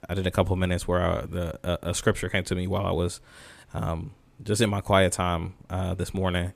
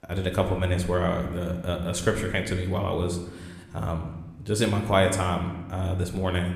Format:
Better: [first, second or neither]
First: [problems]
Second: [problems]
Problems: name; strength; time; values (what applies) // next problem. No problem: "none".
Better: first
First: none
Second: room echo; slight; dies away in 1 s